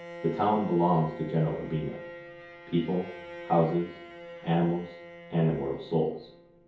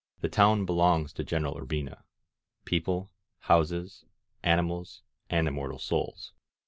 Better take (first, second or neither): second